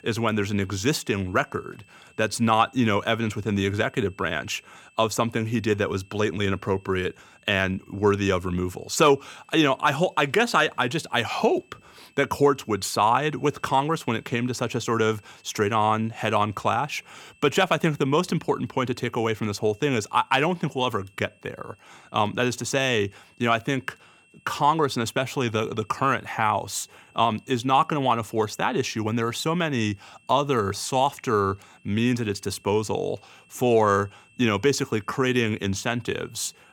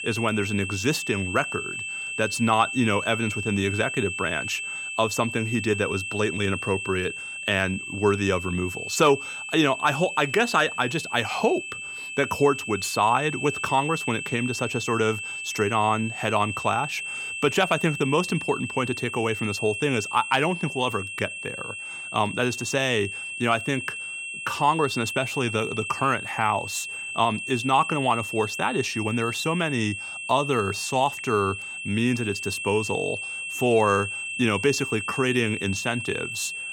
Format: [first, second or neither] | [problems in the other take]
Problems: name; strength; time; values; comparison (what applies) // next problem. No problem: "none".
first | high-pitched whine; loud; throughout; 2.5 kHz, 6 dB below the speech; faint in the first